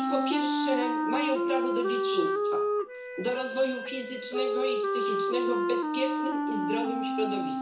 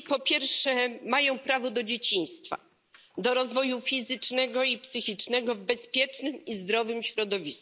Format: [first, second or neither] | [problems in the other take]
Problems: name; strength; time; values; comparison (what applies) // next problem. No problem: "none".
second | background sound (Wind instrument, woodwind instrument); 4 dB above the speech // room echo; dies away in 0.7 s